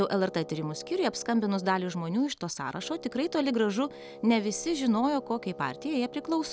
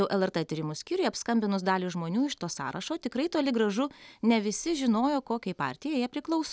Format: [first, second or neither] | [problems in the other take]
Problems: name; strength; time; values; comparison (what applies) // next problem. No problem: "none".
second | background sound (Wind instrument, woodwind instrument); 17 dB below the speech